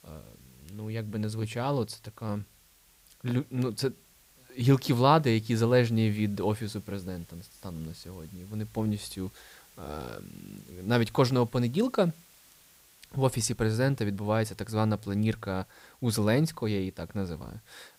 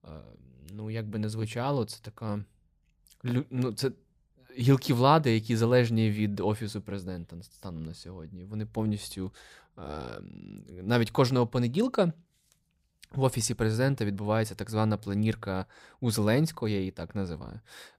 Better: second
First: hiss; faint; throughout; 25 dB below the speech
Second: none

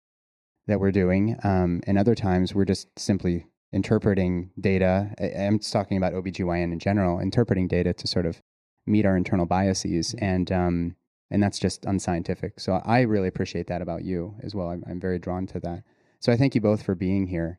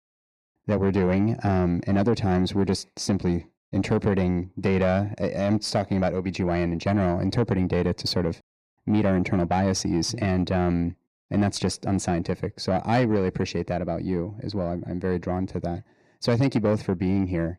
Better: first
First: none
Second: distortion; slight; 10 dB below the speech

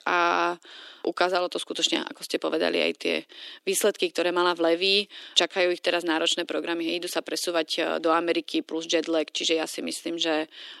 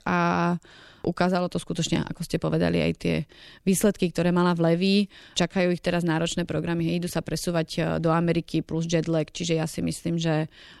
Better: second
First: thin; very; fading below 300 Hz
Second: none

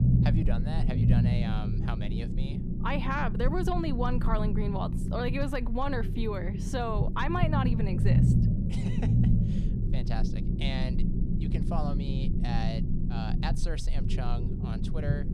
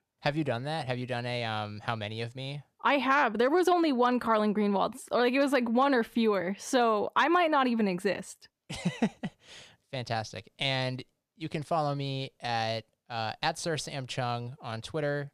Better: second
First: low rumble; loud; throughout; 4 dB below the speech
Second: none

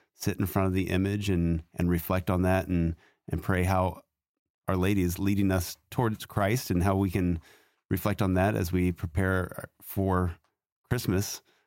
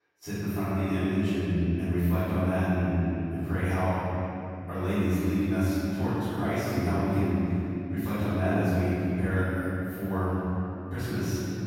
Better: first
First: none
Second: off-mic speech; far // room echo; strong; dies away in 3 s

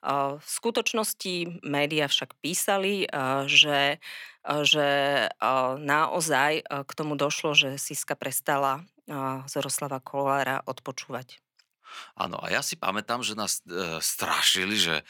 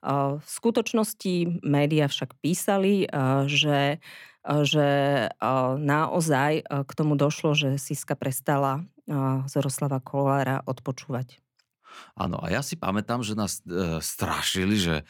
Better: second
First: thin; somewhat; fading below 800 Hz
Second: none

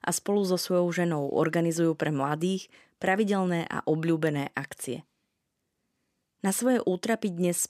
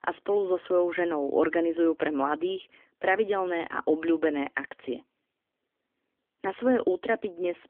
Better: first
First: none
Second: phone-call audio; nothing above 3.5 kHz

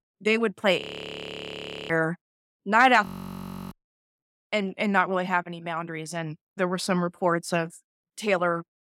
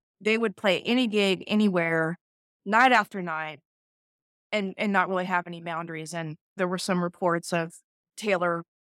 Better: second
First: audio freezing; at 1 s for 1 s and at 3 s for 0.5 s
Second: none

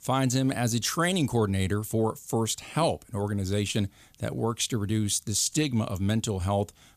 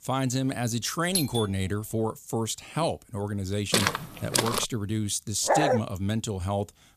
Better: first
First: none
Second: doorbell; loud; at 1 s; peak level with the speech // footsteps; loud; at 3.5 s; peak 4 dB above the speech // dog barking; loud; at 5.5 s; peak 5 dB above the speech

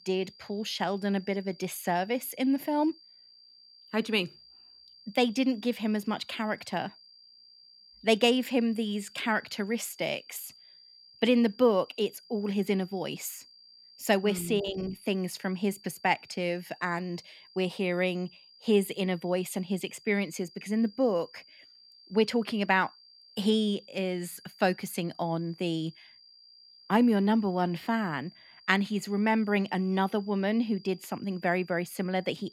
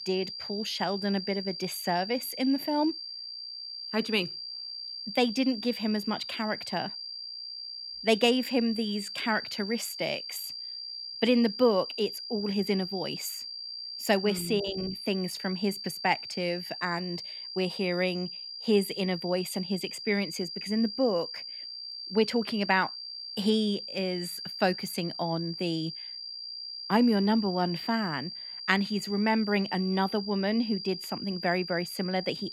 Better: first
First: high-pitched whine; faint; throughout; 4.5 kHz, 25 dB below the speech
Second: high-pitched whine; loud; throughout; 4.5 kHz, 7 dB below the speech

